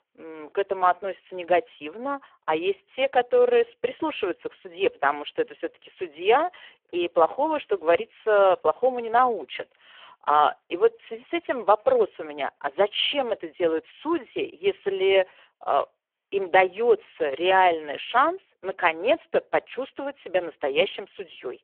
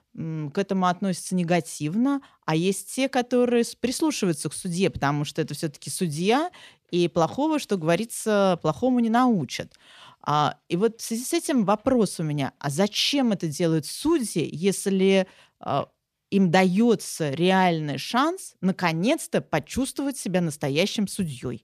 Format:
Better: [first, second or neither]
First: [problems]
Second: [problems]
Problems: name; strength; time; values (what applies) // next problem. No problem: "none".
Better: second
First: phone-call audio; poor line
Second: none